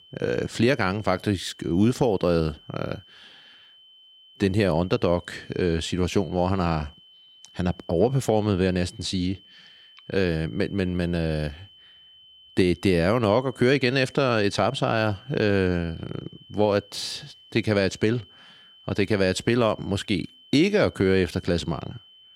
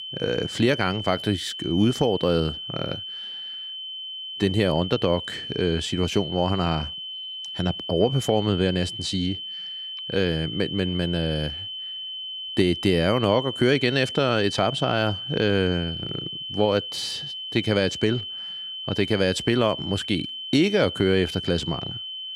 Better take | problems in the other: first | high-pitched whine; loud; throughout; 3 kHz, 7 dB below the speech; faint in the first

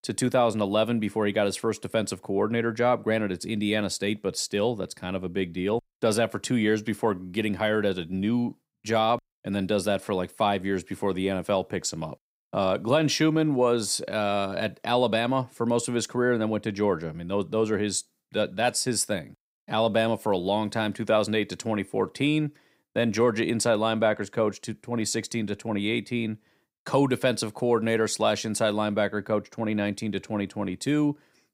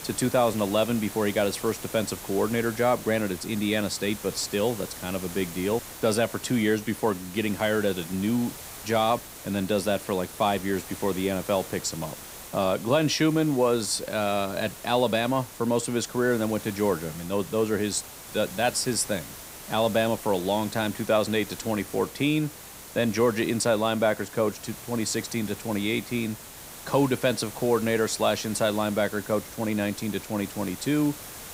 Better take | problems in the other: first | hiss; noticeable; throughout; 15 dB below the speech

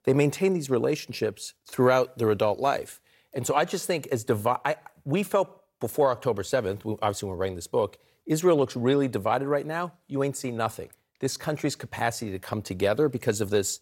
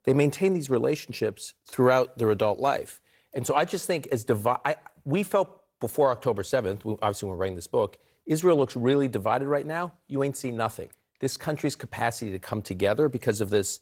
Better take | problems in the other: first | garbled, watery; slightly; nothing above 16.5 kHz

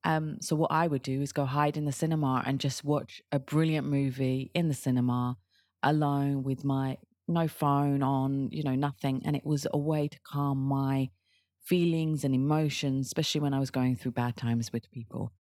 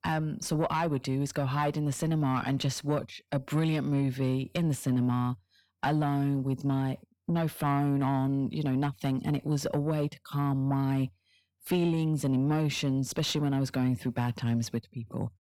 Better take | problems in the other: first | distortion; slight; 10 dB below the speech

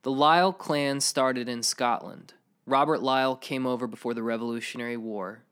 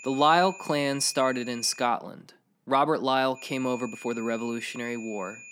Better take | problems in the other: first | high-pitched whine; noticeable; until 2 s and from 3.5 s on; 2.5 kHz, 15 dB below the speech

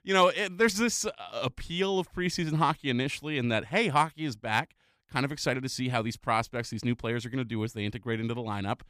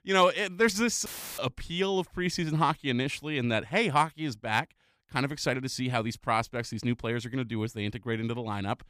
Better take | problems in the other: first | audio cutting out; filled with static; at 1 s

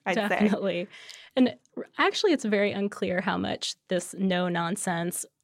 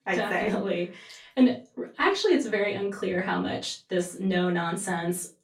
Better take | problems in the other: first | off-mic speech; far // room echo; very slight; dies away in 0.2 s

